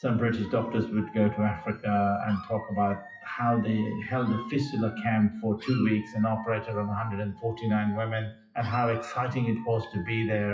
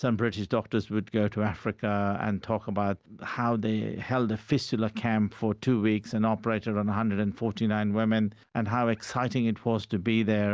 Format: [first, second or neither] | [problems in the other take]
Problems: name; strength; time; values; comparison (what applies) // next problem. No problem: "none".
second | noise reduction (classical method WPE with log-MMSE)